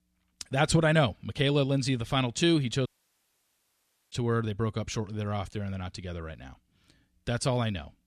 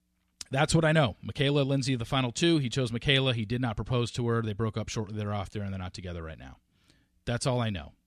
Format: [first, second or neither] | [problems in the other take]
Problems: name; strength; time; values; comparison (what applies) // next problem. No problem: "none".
second | audio cutting out; at 3 s for 1.5 s